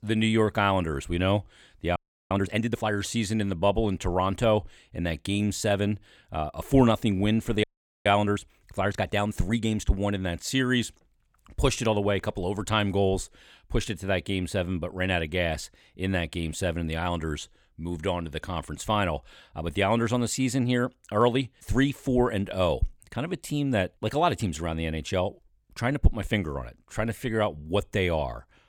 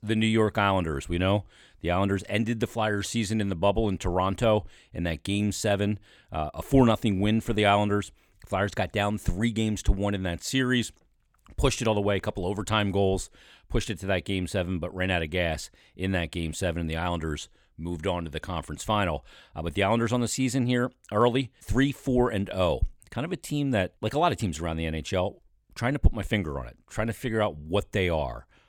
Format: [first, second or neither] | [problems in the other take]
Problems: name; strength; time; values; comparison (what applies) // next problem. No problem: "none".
second | audio freezing; at 2 s and at 7.5 s